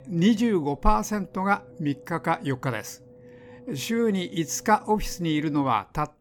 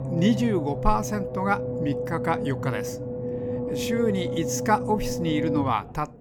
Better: first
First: low rumble; faint; throughout; 25 dB below the speech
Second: low rumble; loud; throughout; 5 dB below the speech

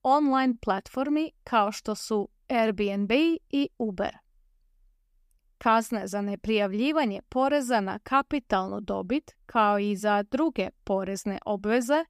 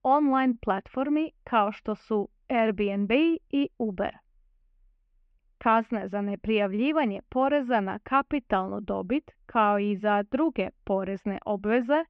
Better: first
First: none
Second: muffled; very; fading above 2.5 kHz

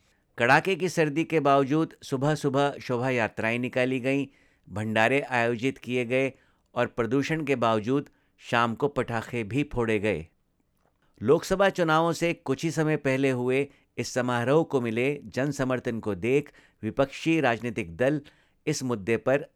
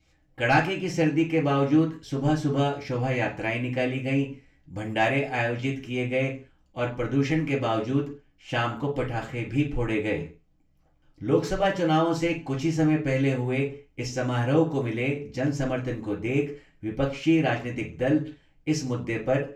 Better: first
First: none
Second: room echo; slight; dies away in 0.3 s // off-mic speech; far

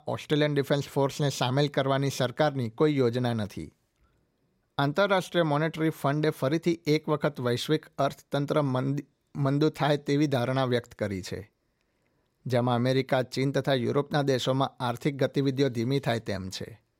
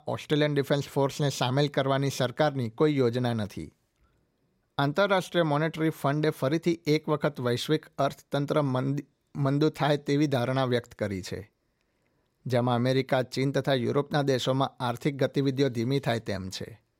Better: neither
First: none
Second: none

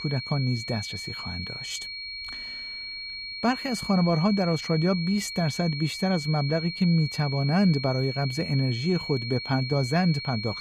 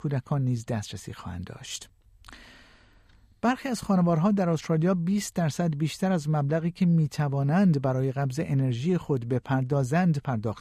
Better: second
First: high-pitched whine; loud; throughout; 4.5 kHz, 7 dB below the speech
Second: none

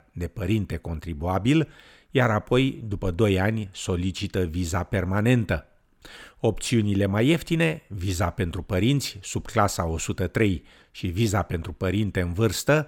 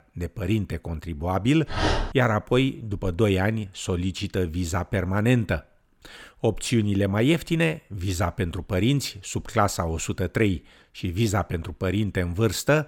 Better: first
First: none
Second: dog barking; loud; at 1.5 s; peak level with the speech

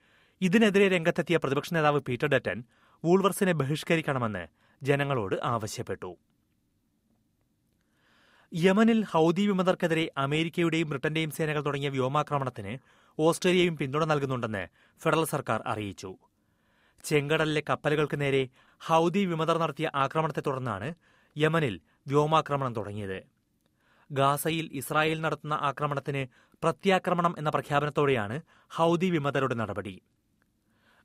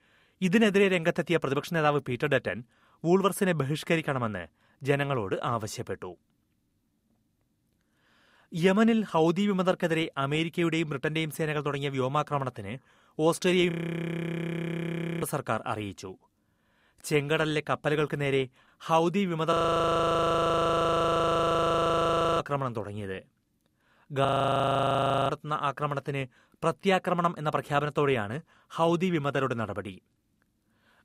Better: first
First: none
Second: audio freezing; at 14 s for 1.5 s, at 20 s for 3 s and at 24 s for 1 s

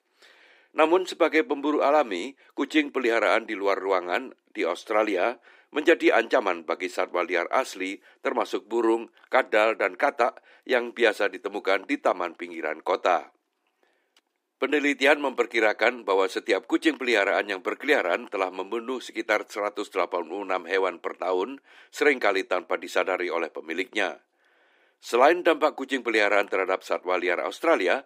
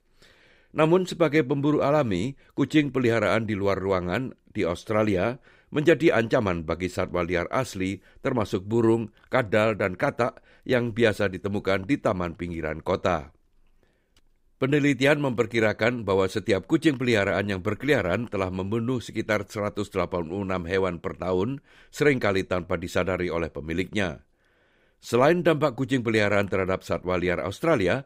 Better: second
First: thin; somewhat; fading below 300 Hz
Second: none

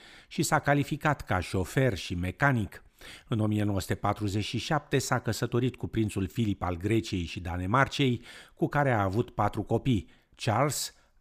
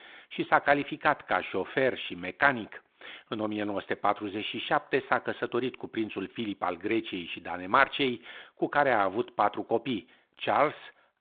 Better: first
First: none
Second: phone-call audio; nothing above 3.5 kHz

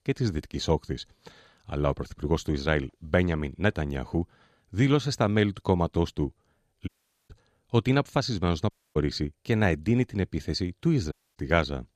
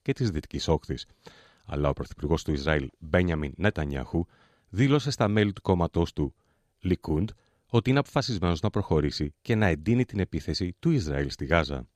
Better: second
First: audio cutting out; at 7 s, at 8.5 s and at 11 s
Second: none

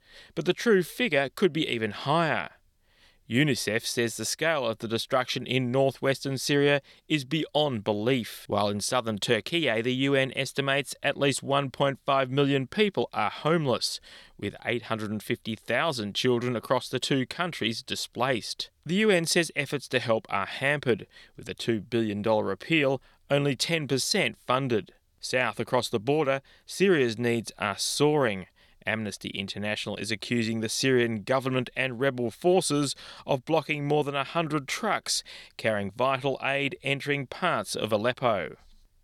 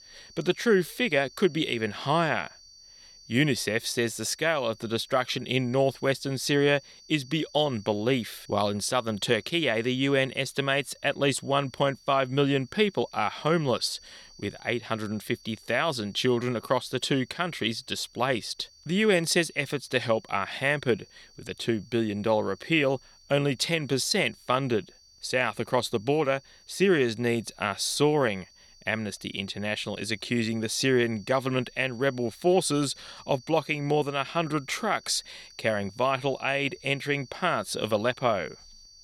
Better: first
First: none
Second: high-pitched whine; faint; throughout; 4.5 kHz, 25 dB below the speech

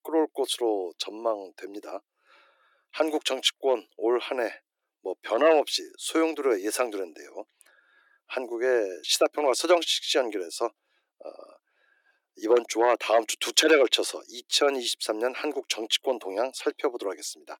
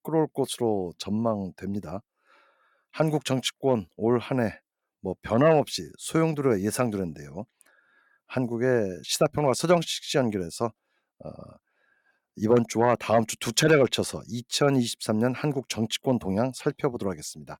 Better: second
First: thin; very; fading below 300 Hz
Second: none

